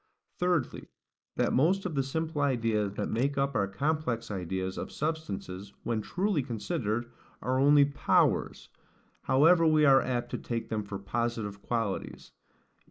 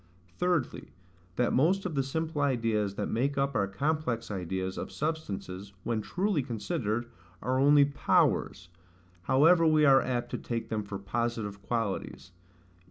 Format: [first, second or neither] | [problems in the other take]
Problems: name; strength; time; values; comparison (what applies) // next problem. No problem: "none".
second | noise reduction (neural mask model Resemble Enhance denoiser)